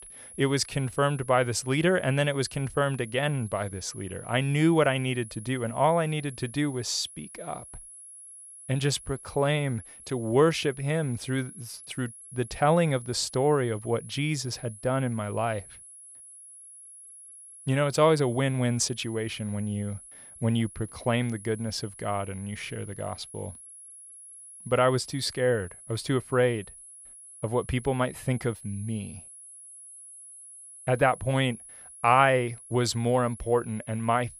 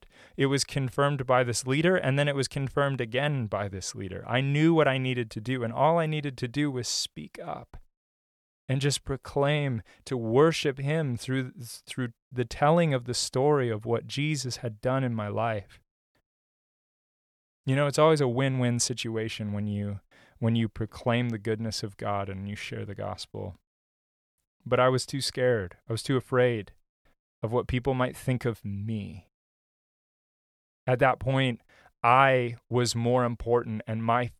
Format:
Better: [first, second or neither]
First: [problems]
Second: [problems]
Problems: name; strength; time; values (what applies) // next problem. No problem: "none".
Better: second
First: high-pitched whine; noticeable; throughout; 10.5 kHz, 15 dB below the speech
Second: none